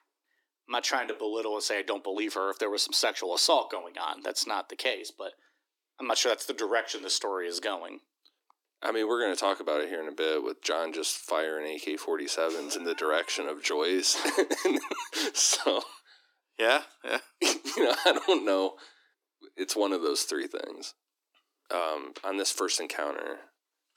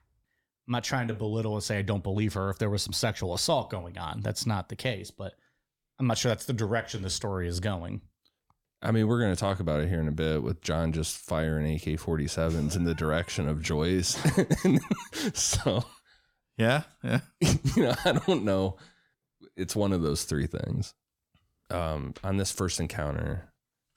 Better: second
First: thin; very; fading below 300 Hz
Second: none

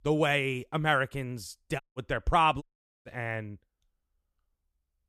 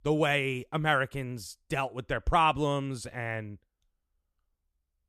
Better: second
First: audio cutting out; at 2 s and at 2.5 s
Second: none

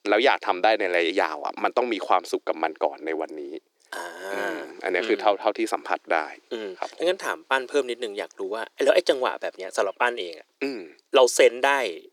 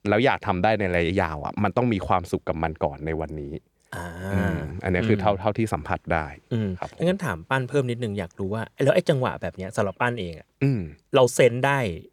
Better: second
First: thin; very; fading below 300 Hz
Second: none

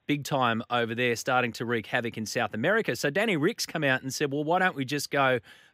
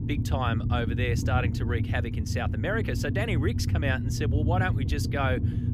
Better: first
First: none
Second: low rumble; loud; throughout; 8 dB below the speech

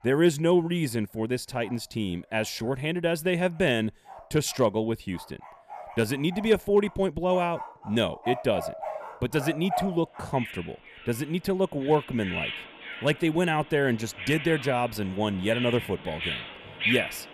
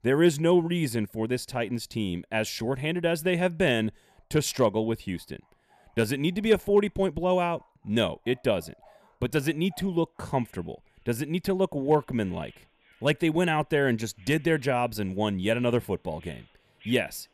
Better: second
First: animal sounds; loud; throughout; 8 dB below the speech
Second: animal sounds; faint; throughout; 30 dB below the speech

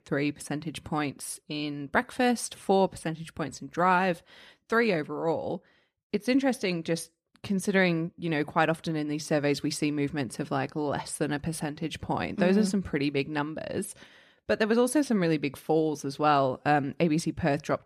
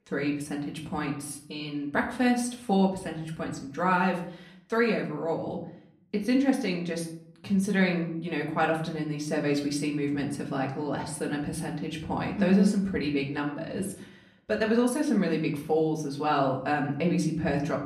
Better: first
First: none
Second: room echo; slight; dies away in 0.5 s // off-mic speech; far

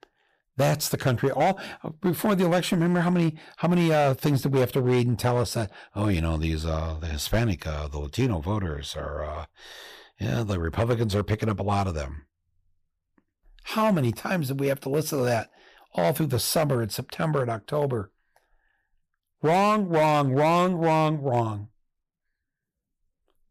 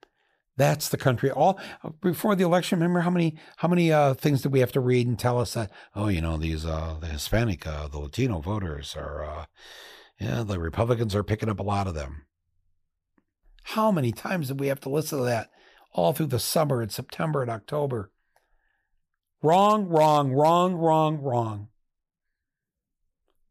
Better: second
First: distortion; slight; 5% of the sound clipped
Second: none

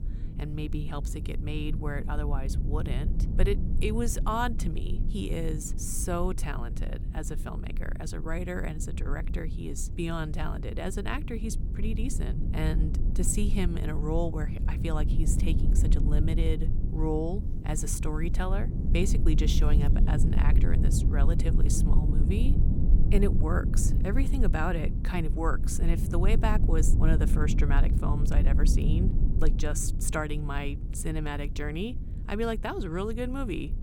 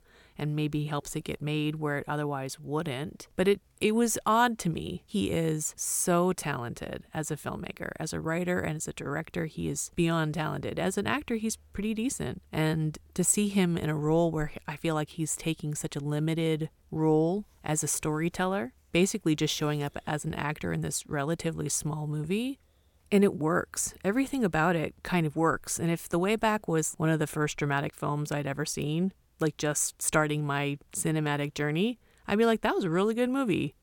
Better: second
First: low rumble; loud; throughout; 8 dB below the speech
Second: none

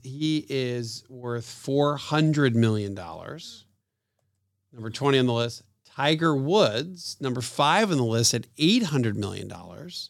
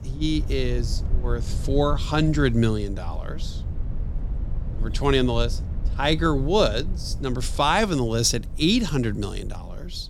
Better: first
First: none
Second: low rumble; faint; throughout; 20 dB below the speech

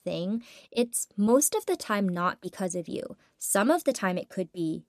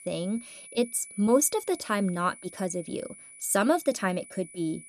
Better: first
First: none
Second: high-pitched whine; noticeable; throughout; 10 kHz, 15 dB below the speech

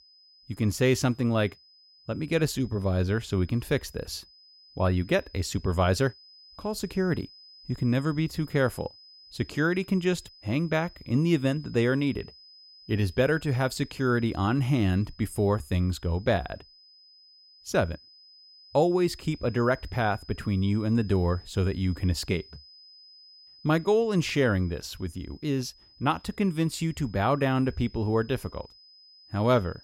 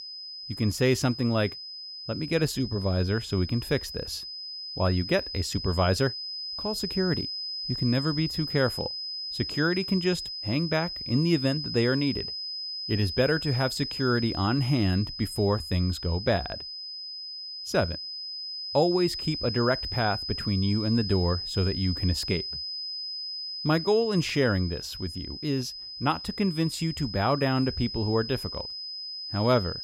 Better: first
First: high-pitched whine; faint; throughout; 5 kHz, 25 dB below the speech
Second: high-pitched whine; loud; throughout; 5 kHz, 6 dB below the speech

